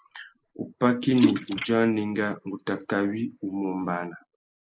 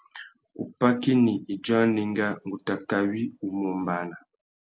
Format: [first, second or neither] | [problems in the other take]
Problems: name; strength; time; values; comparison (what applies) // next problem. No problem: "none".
second | noise reduction (neural mask model Resemble Enhance denoiser)